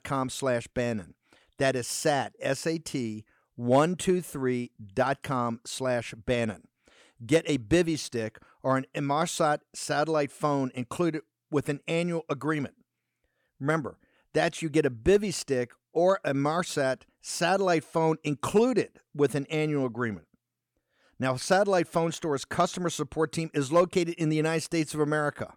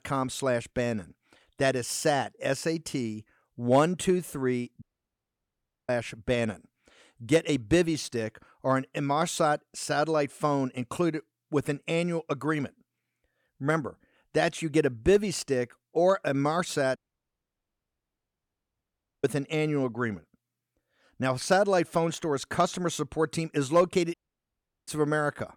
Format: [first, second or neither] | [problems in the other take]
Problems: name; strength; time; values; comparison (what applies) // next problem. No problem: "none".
first | audio cutting out; at 5 s for 1 s, at 17 s for 2.5 s and at 24 s for 0.5 s